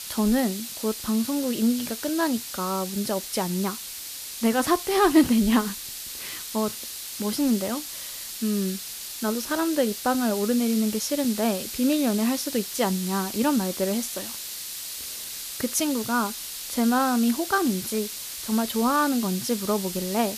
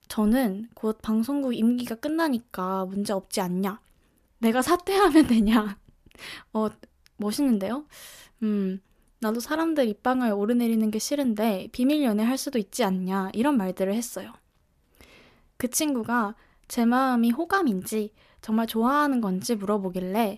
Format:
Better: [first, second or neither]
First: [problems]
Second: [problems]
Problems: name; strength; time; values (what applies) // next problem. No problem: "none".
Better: second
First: hiss; loud; throughout; 7 dB below the speech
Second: none